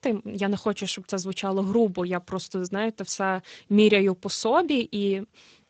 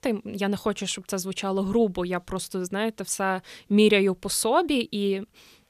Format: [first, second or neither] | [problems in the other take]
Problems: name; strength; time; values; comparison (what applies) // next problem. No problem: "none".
second | garbled, watery; slightly; nothing above 8 kHz